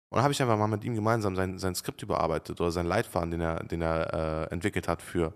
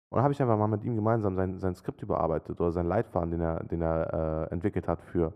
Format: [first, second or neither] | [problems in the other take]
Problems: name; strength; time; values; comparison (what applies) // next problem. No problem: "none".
first | muffled; very; fading above 2 kHz